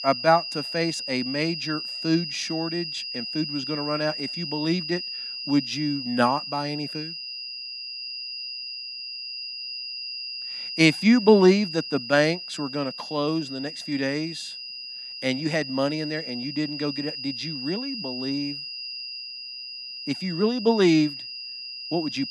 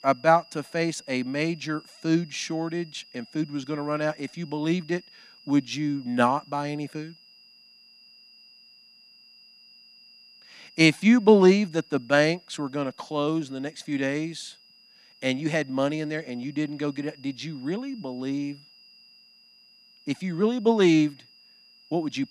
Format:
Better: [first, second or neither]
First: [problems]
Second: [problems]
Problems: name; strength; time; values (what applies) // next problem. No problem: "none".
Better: second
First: high-pitched whine; loud; throughout; 5 kHz, 7 dB below the speech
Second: high-pitched whine; faint; throughout; 5 kHz, 25 dB below the speech